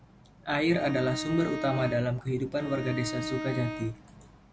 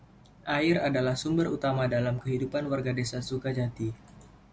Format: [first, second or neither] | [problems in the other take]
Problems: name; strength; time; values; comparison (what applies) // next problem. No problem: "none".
second | background sound (Bowed string instrument); 7 dB below the speech